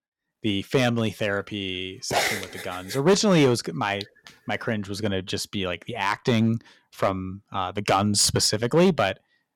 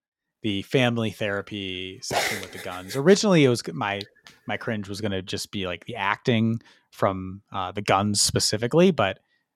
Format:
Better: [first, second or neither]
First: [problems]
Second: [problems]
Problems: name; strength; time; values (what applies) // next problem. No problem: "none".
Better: second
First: distortion; slight; 2% of the sound clipped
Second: none